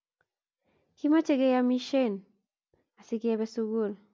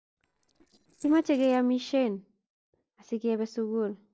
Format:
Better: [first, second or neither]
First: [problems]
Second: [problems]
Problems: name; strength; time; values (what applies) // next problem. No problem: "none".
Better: first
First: none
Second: noise reduction (neural separator model SepFormer DNS4)